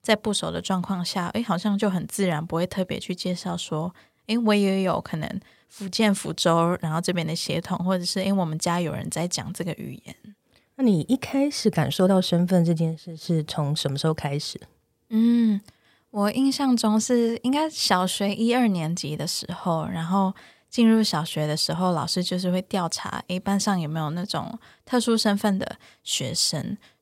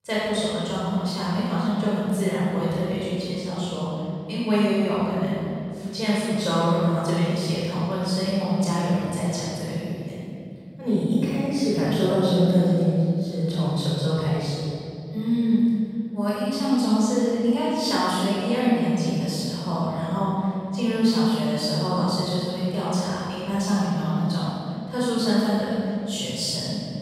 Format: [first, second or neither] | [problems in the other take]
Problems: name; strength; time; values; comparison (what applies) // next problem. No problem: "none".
first | off-mic speech; far // room echo; strong; dies away in 2.7 s